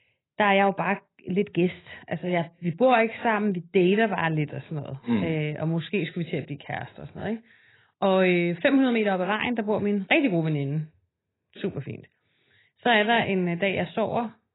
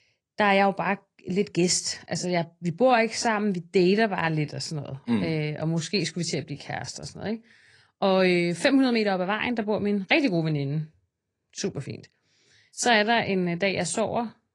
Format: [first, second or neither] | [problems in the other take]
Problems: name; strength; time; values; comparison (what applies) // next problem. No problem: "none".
second | garbled, watery; badly; nothing above 4 kHz; slightly in the second